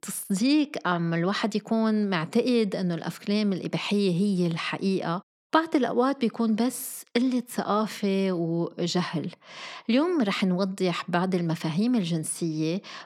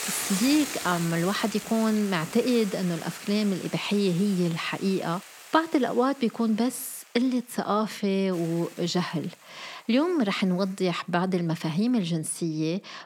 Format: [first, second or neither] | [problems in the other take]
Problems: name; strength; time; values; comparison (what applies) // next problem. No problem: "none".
first | household noises; noticeable; throughout; 10 dB below the speech